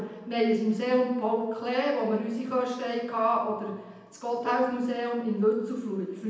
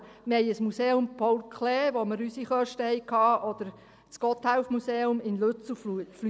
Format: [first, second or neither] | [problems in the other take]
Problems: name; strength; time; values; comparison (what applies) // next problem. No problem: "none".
second | background sound (Wind instrument, woodwind instrument); 12 dB below the speech // room echo; dies away in 0.9 s